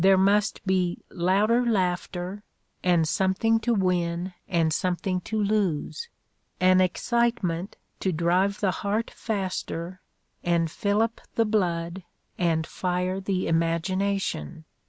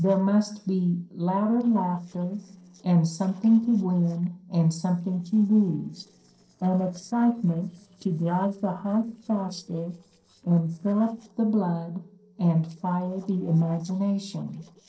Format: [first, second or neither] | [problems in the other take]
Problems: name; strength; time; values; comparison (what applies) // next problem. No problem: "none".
first | noise reduction (neural separator model SepFormer DNS4)